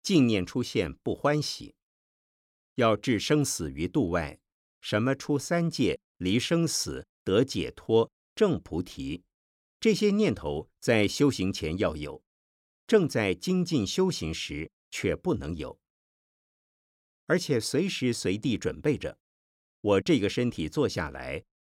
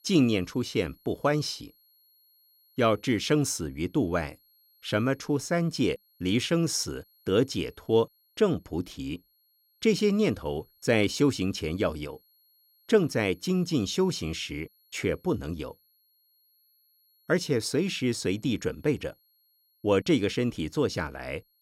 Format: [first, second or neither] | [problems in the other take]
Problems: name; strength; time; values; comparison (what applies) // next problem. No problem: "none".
first | high-pitched whine; faint; throughout; 11.5 kHz, 35 dB below the speech